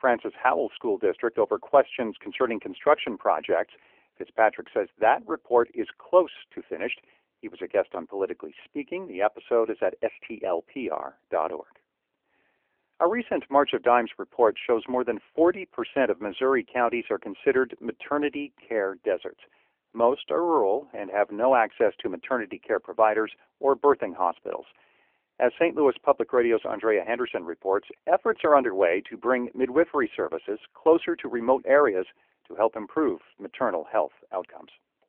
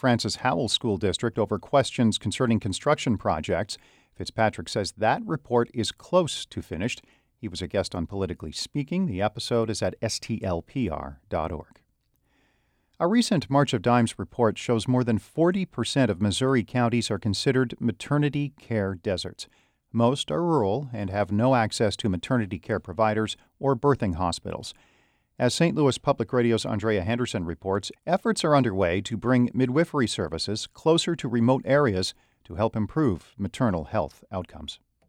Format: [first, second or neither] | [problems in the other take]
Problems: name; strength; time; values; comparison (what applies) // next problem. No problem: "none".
second | phone-call audio; nothing above 3.5 kHz